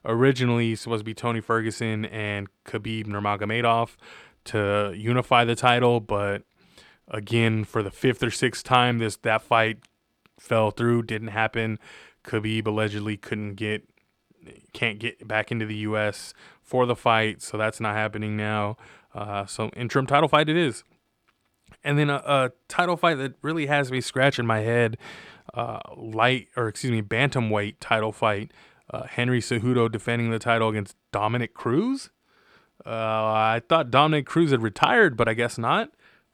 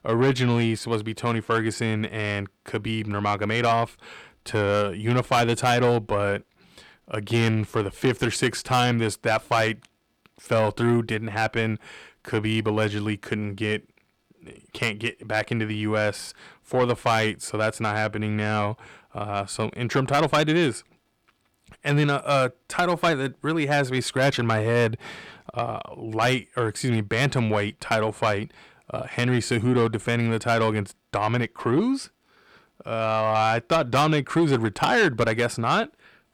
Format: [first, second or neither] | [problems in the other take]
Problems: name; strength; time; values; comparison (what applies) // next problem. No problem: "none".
first | distortion; slight; 10 dB below the speech